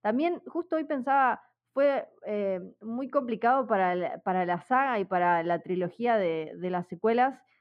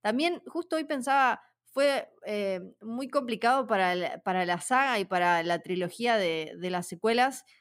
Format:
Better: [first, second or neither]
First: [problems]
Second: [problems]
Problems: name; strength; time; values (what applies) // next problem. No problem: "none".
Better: second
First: muffled; very; fading above 4 kHz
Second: none